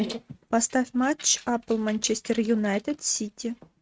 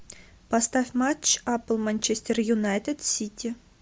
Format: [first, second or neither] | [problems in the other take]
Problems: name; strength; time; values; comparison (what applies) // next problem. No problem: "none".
second | noise reduction (neural mask model RNNoise)